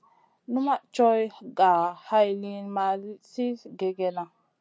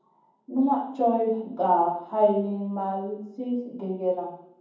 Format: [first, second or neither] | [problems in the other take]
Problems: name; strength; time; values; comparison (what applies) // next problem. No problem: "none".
first | room echo; dies away in 1.2 s